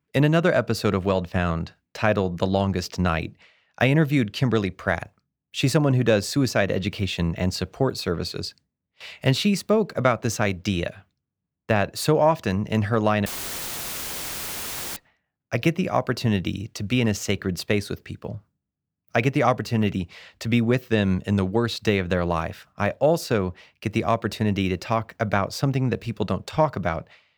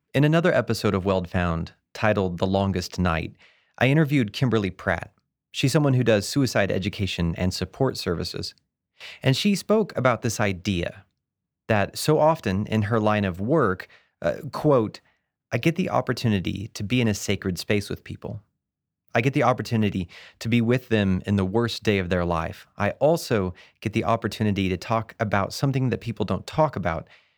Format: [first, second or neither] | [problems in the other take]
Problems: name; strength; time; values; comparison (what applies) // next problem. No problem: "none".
second | audio cutting out; filled with static; at 13 s for 1.5 s